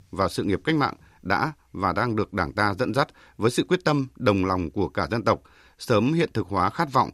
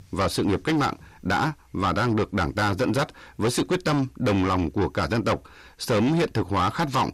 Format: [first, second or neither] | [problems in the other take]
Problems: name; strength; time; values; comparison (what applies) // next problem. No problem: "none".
first | distortion; heavy; 6 dB below the speech